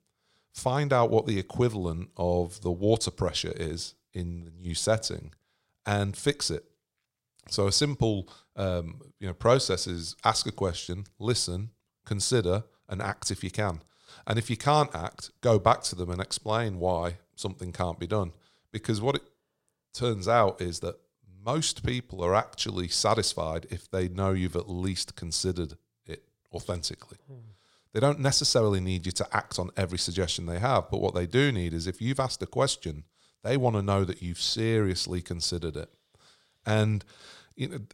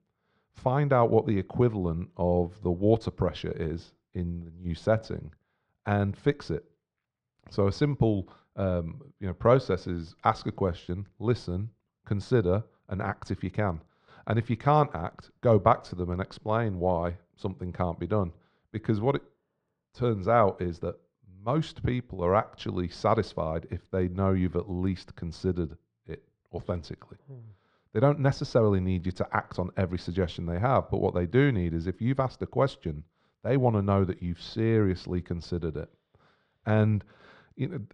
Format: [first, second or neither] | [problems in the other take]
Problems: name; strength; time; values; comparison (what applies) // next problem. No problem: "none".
first | muffled; very; fading above 2 kHz